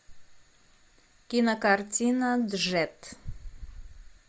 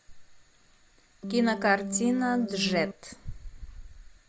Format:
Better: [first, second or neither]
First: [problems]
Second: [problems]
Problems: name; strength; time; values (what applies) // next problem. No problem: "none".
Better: first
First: none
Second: background sound (Organ); 4 dB below the speech